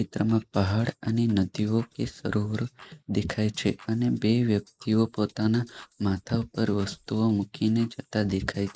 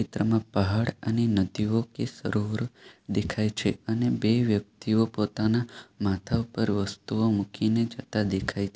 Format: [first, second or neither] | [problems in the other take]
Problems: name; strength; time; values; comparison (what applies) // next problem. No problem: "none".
second | noise reduction (neural mask model Resemble Enhance denoiser)